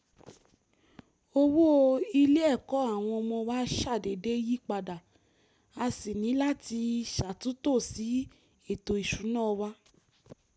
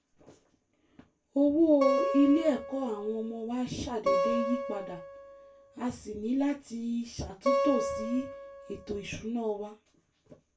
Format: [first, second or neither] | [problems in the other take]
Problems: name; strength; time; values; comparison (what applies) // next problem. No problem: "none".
first | background sound (Acoustic guitar); 2 dB below the speech // room echo; dies away in 0.2 s